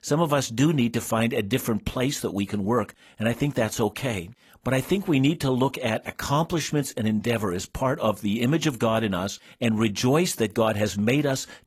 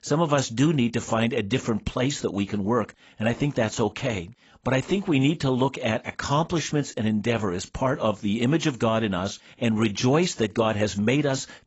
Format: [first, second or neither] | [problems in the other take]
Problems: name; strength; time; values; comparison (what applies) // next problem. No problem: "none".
first | garbled, watery; badly; nothing above 7.5 kHz; slightly in the first